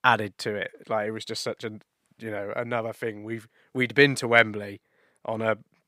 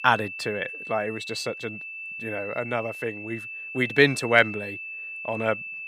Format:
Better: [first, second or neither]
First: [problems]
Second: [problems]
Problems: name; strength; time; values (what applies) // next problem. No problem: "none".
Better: first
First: none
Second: high-pitched whine; loud; throughout; 2.5 kHz, 9 dB below the speech